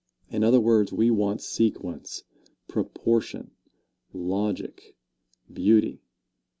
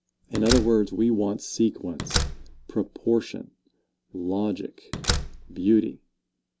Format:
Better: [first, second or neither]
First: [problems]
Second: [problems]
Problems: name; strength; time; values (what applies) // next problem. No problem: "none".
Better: first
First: none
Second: background sound (Slam); 5 dB below the speech